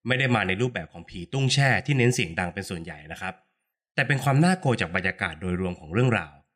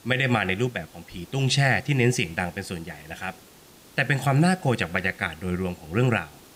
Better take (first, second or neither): first